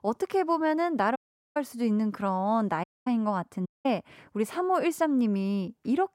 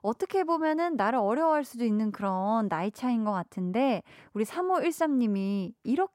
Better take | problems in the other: second | audio cutting out; at 1 s, at 3 s and at 3.5 s

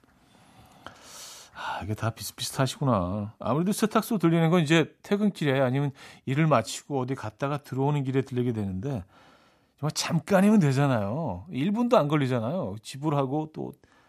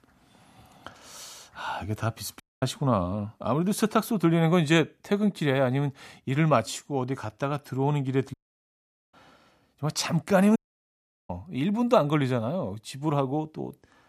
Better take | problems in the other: first | audio cutting out; at 2.5 s, at 8.5 s for 1 s and at 11 s for 0.5 s

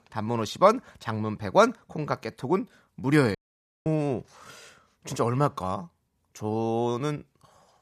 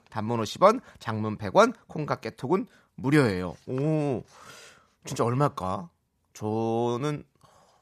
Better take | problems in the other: second | audio cutting out; at 3.5 s for 0.5 s

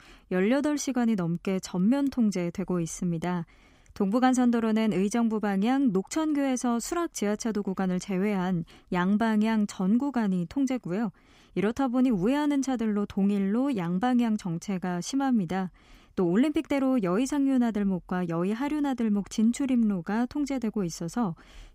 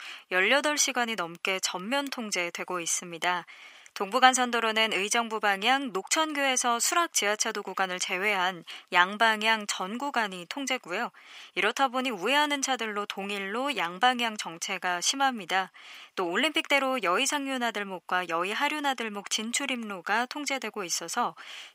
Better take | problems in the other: first | thin; very; fading below 800 Hz

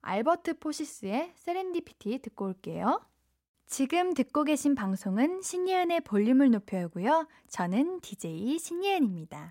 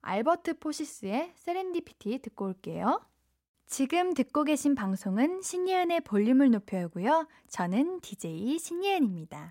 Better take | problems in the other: neither | none

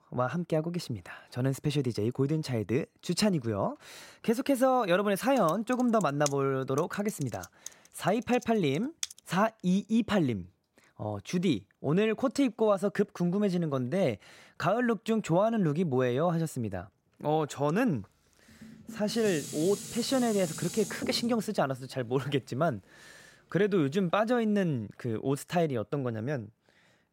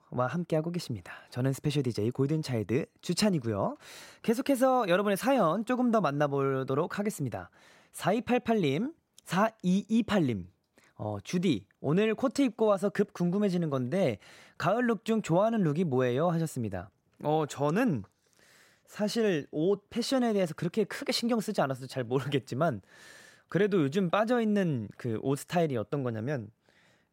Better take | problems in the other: second | keyboard typing; noticeable; from 5.5 to 9 s; peak 8 dB below the speech // clattering dishes; noticeable; from 19 to 21 s; peak 9 dB below the speech

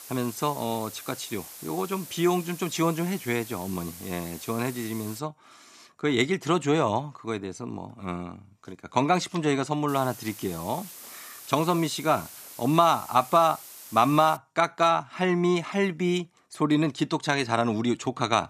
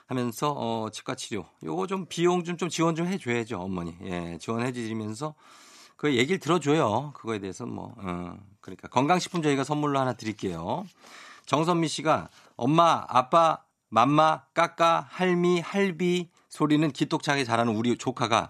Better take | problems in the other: second | hiss; noticeable; until 5 s and from 10 to 14 s; 15 dB below the speech

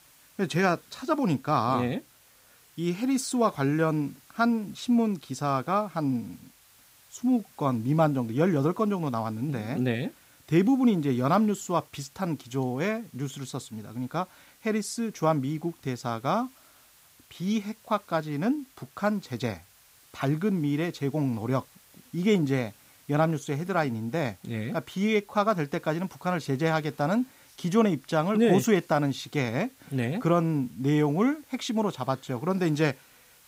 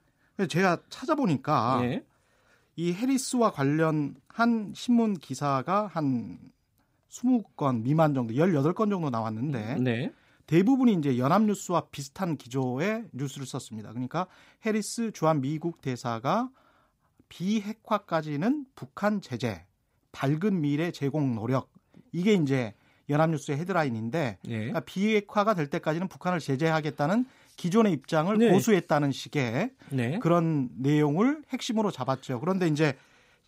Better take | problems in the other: second | hiss; faint; throughout; 30 dB below the speech

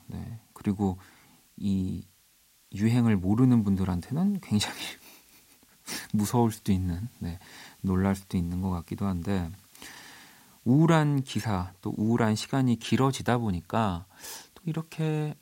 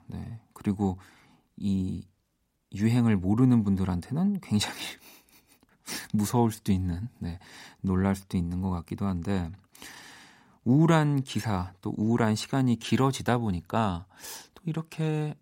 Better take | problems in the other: second | hiss; faint; throughout; 30 dB below the speech

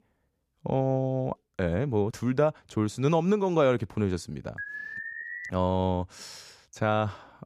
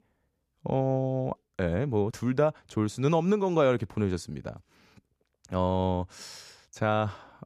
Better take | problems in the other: second | alarm; noticeable; at 4.5 s; peak 8 dB below the speech

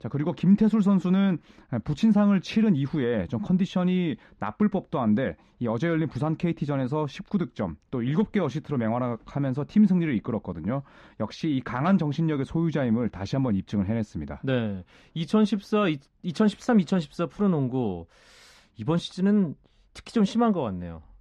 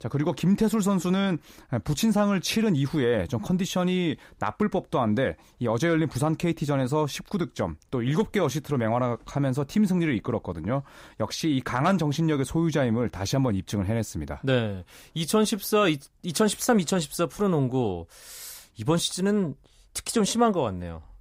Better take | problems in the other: second | muffled; slightly; fading above 3.5 kHz

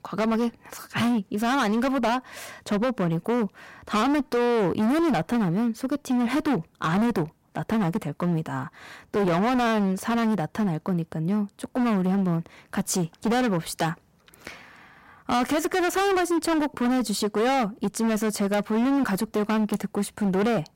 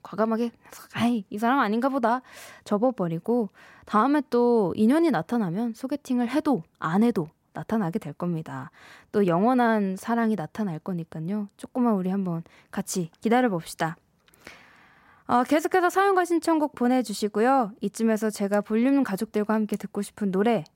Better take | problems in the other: second | distortion; heavy; 21% of the sound clipped

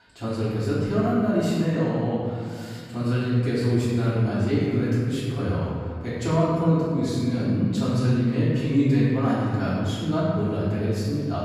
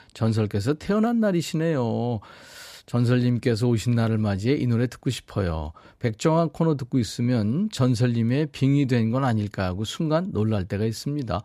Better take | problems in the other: second | off-mic speech; far // room echo; strong; dies away in 2 s

